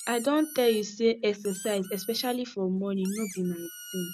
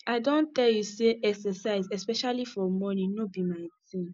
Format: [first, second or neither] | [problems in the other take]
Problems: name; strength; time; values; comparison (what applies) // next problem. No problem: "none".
second | background sound (Squeak); 16 dB below the speech